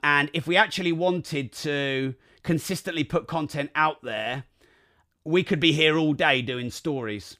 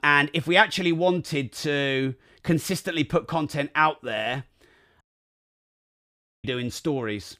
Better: first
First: none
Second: audio cutting out; at 5 s for 1.5 s

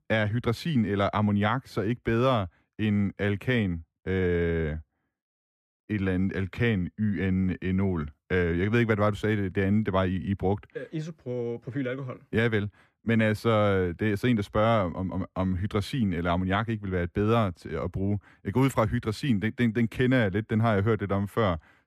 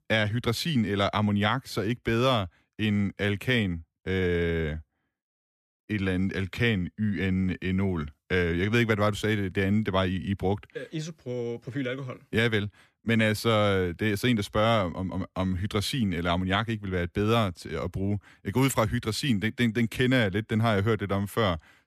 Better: second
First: muffled; slightly; fading above 2.5 kHz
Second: none

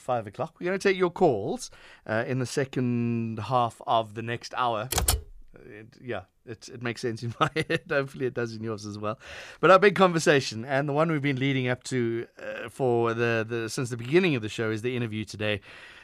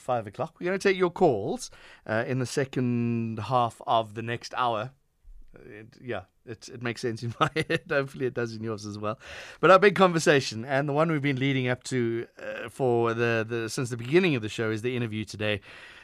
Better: second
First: keyboard typing; loud; at 5 s; peak 1 dB above the speech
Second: none

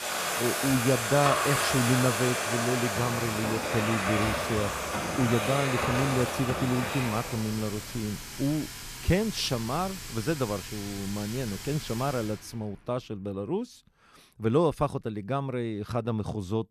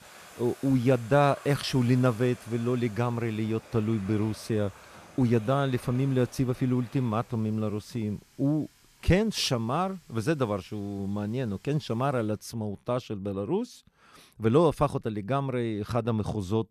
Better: second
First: household noises; loud; until 12 s; 1 dB below the speech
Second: household noises; faint; until 12 s; 20 dB below the speech

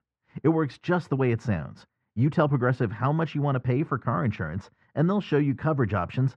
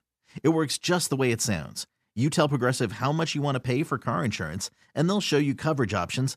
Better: second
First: muffled; very; fading above 1.5 kHz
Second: none

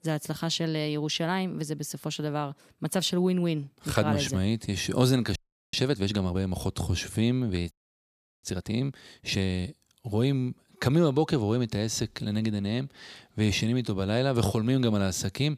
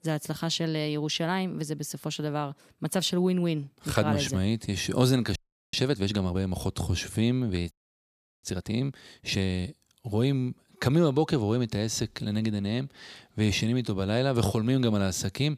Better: neither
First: audio freezing; at 5.5 s and at 7.5 s for 0.5 s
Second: audio freezing; at 5.5 s and at 7.5 s for 0.5 s

